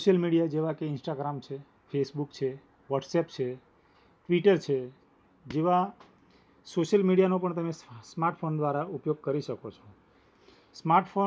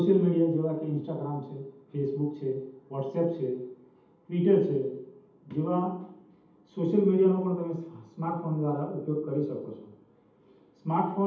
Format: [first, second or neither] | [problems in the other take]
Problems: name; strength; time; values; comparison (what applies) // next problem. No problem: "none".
first | room echo; dies away in 0.8 s